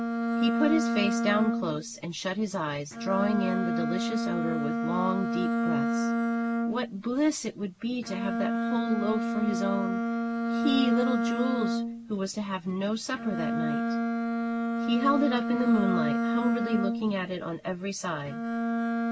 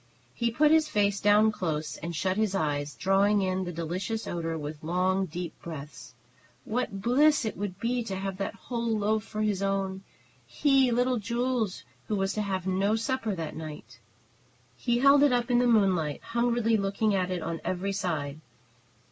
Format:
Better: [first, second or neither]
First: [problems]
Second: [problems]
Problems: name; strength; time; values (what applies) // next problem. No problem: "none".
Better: second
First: background sound (Bowed string instrument); 1 dB above the speech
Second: none